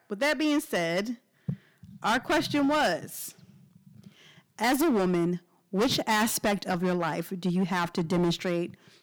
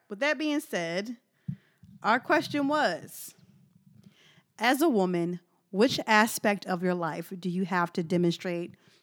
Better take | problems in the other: second | distortion; heavy; 11% of the sound clipped

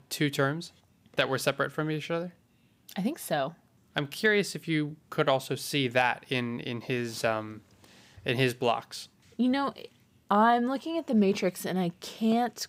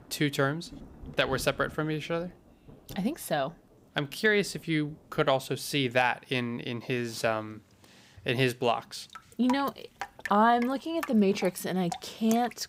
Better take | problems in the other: first | rain or running water; noticeable; throughout; 15 dB below the speech

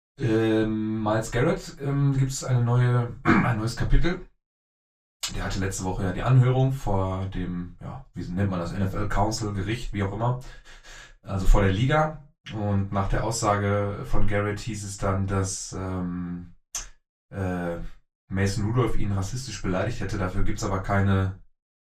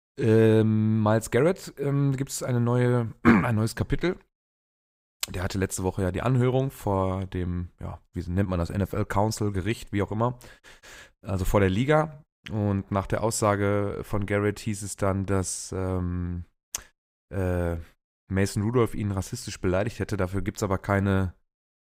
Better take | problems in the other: second | room echo; very slight; dies away in 0.2 s // off-mic speech; far

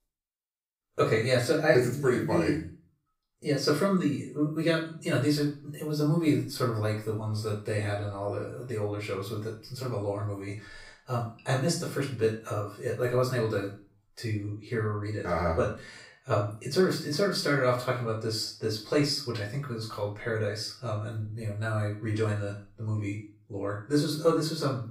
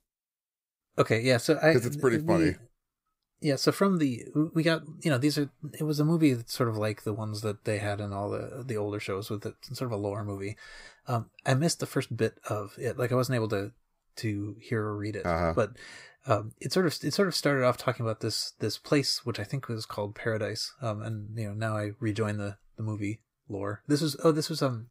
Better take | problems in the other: second | off-mic speech; far // room echo; slight; dies away in 0.4 s

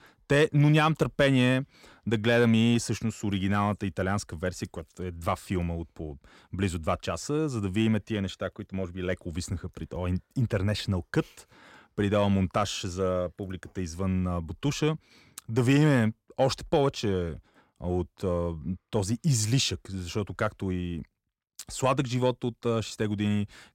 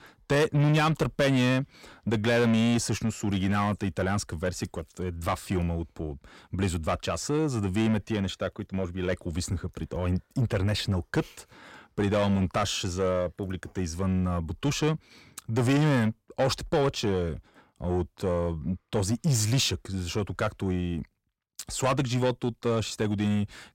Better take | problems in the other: first | distortion; slight; 10 dB below the speech

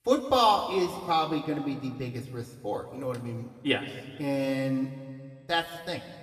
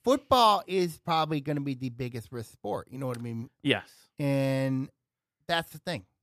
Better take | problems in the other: second | room echo; slight; dies away in 1.7 s // off-mic speech; somewhat distant

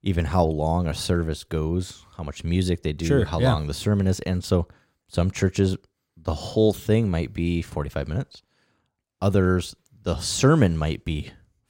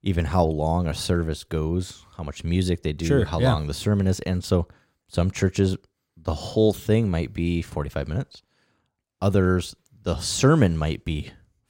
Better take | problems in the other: neither | none

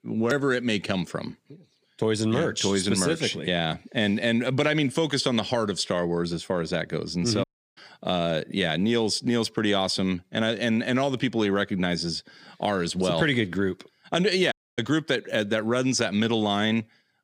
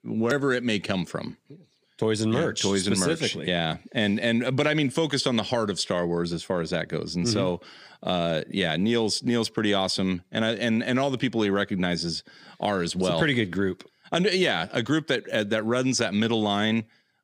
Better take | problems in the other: second | audio cutting out; at 7.5 s and at 15 s

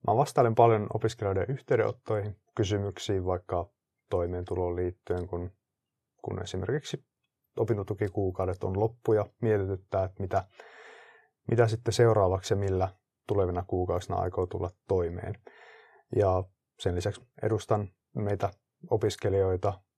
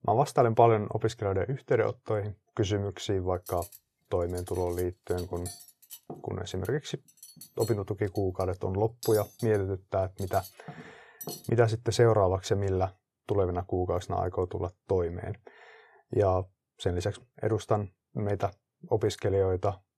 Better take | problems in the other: first | clattering dishes; noticeable; from 3.5 to 11 s; peak 10 dB below the speech

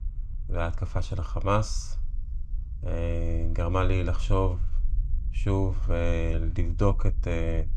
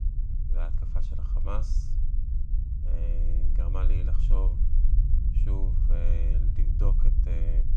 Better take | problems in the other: first | low rumble; loud; throughout; 4 dB below the speech; faint in the first

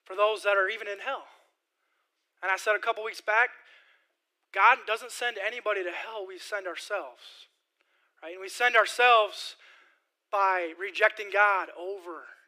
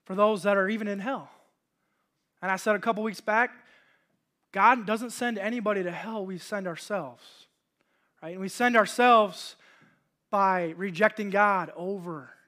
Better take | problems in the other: second | thin; very; fading below 350 Hz

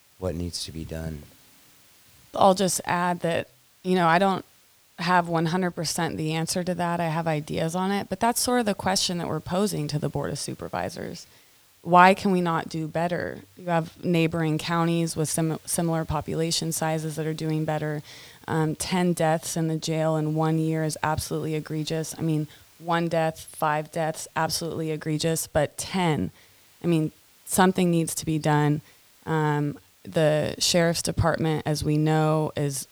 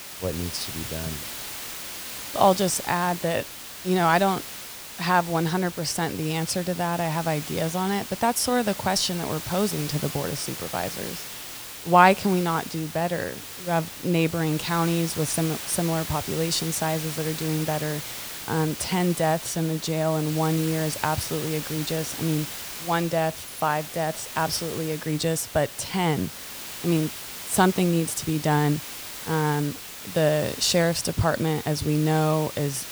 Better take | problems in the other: first | hiss; loud; throughout; 9 dB below the speech; faint in the first

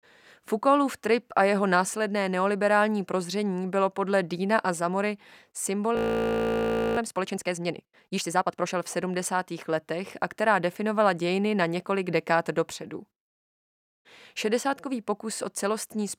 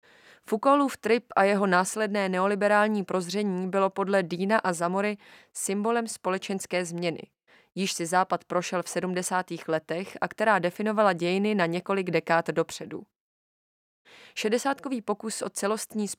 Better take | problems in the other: second | audio freezing; at 6 s for 1 s

